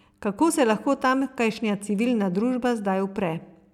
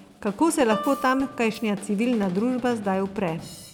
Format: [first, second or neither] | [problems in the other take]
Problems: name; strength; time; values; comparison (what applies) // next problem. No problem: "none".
first | background sound (Drum / Drum kit + Guitar); 14 dB below the speech